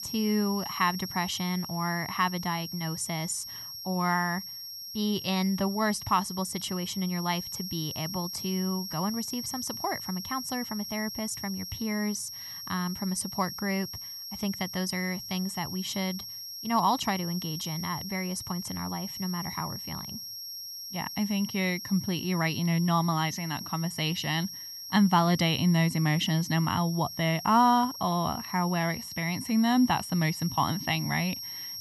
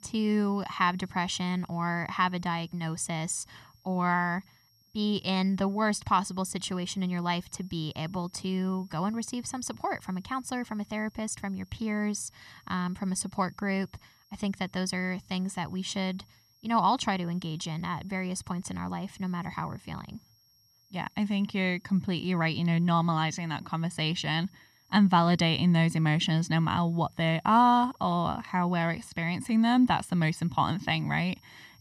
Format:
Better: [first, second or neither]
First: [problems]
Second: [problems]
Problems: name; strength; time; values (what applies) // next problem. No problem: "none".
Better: second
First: high-pitched whine; loud; throughout; 5.5 kHz, 8 dB below the speech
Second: high-pitched whine; faint; throughout; 5.5 kHz, 35 dB below the speech